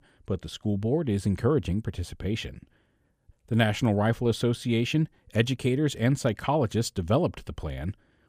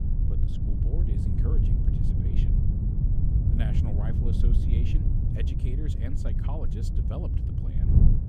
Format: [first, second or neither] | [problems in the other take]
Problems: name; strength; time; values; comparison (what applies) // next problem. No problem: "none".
first | wind noise on the microphone; heavy; 4 dB above the speech